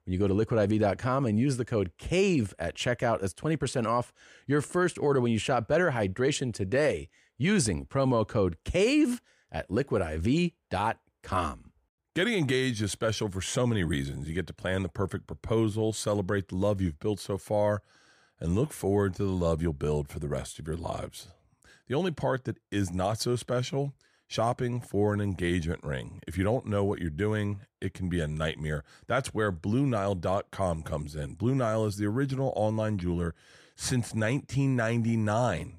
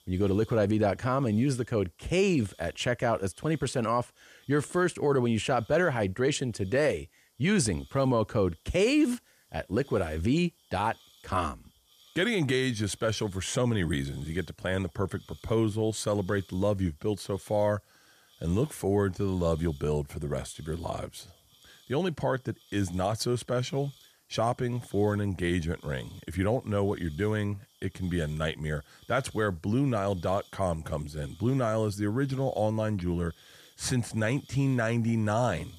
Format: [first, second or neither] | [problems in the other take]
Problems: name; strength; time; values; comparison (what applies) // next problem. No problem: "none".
first | hiss; faint; throughout; 30 dB below the speech